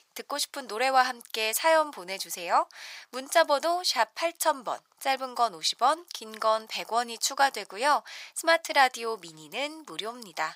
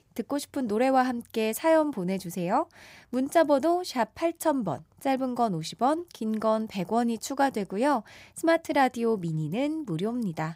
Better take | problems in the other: second | thin; very; fading below 900 Hz

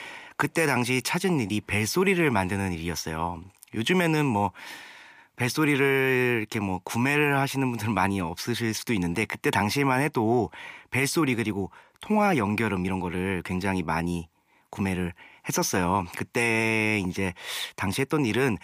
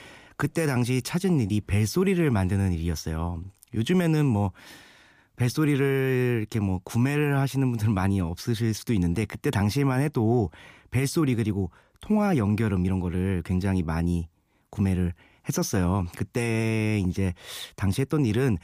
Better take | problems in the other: second | thin; somewhat; fading below 650 Hz

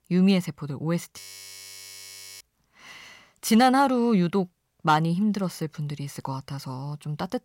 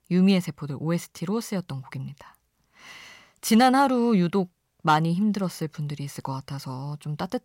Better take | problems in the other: second | audio freezing; at 1 s for 1 s

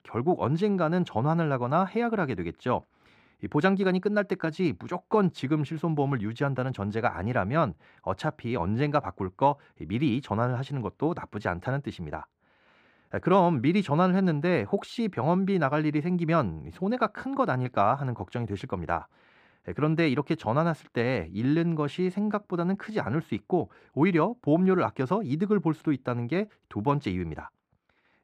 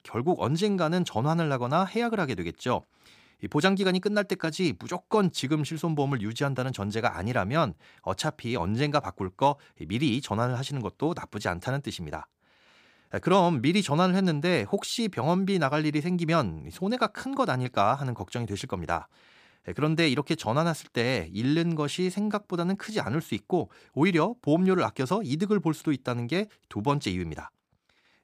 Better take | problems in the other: second | muffled; slightly; fading above 3.5 kHz

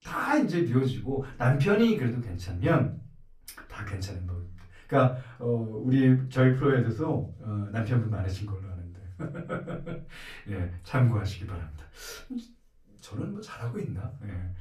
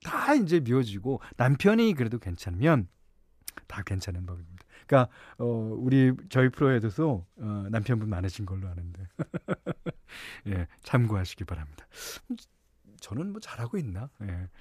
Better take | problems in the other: second | off-mic speech; far // room echo; very slight; dies away in 0.3 s

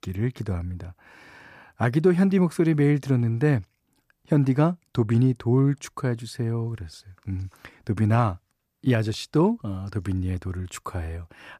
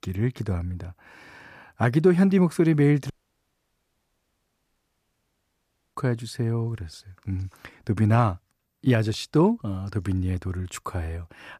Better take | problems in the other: first | audio cutting out; at 3 s for 3 s

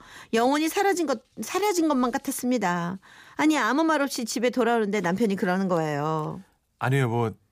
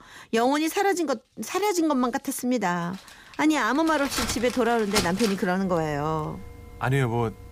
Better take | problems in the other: first | household noises; loud; from 3 s on; 9 dB below the speech

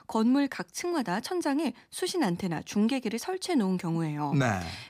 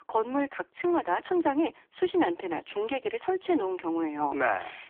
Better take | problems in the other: first | phone-call audio; poor line; nothing above 3.5 kHz

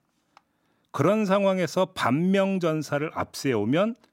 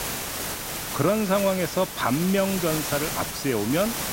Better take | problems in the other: first | hiss; loud; throughout; 5 dB below the speech

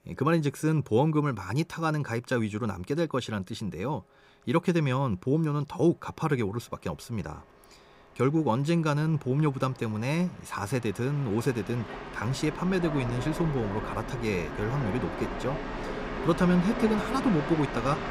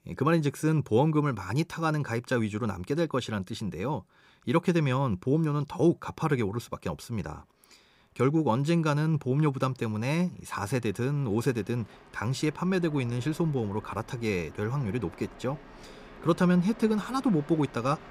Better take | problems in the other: second | train or aircraft noise; loud; throughout; 7 dB below the speech; faint in the second

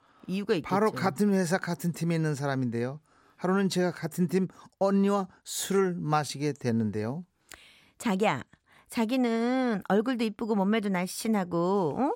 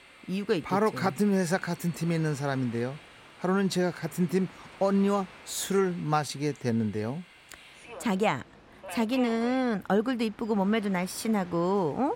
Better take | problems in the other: first | train or aircraft noise; noticeable; throughout; 20 dB below the speech

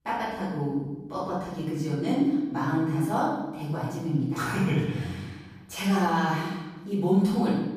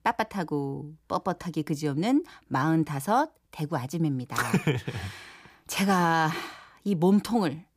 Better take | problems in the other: second | off-mic speech; far // room echo; strong; dies away in 1.1 s

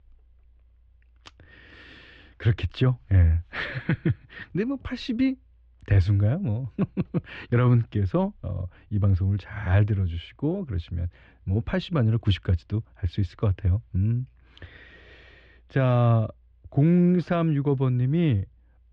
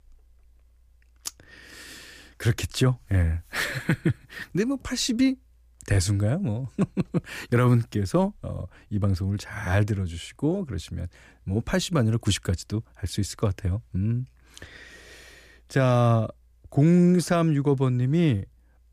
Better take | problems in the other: second | muffled; slightly; fading above 3.5 kHz

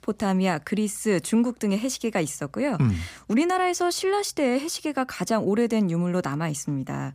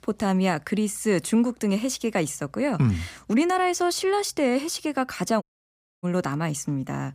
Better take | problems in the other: first | audio cutting out; at 5.5 s for 0.5 s

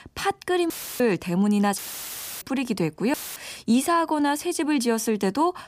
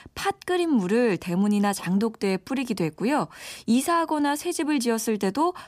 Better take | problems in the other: second | audio cutting out; filled with static; at 0.5 s, at 2 s for 0.5 s and at 3 s

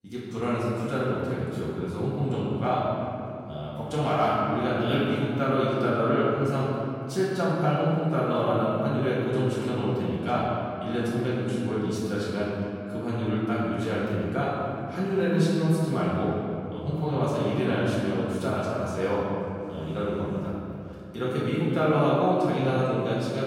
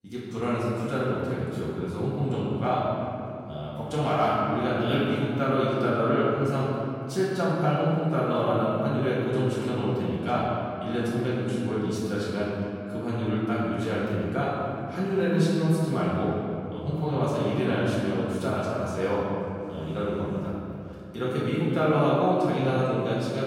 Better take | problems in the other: neither | off-mic speech; far; the same in both // room echo; strong; dies away in 2.5 s; the same in both

